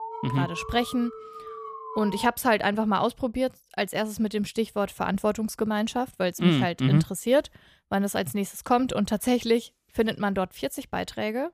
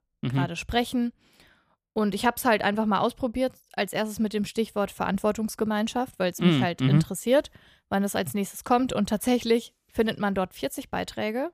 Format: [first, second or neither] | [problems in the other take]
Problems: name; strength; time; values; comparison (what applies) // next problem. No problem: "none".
second | alarm; noticeable; until 2.5 s; peak 9 dB below the speech